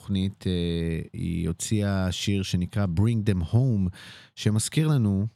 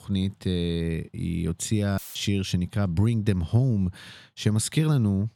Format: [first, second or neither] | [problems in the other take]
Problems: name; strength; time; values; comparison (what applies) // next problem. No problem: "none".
first | audio cutting out; filled with static; at 2 s